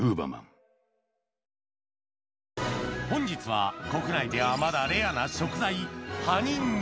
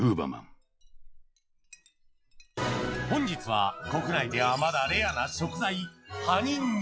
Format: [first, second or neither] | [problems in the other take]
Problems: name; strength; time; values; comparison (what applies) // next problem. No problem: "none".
first | noise reduction (classical method log-MMSE)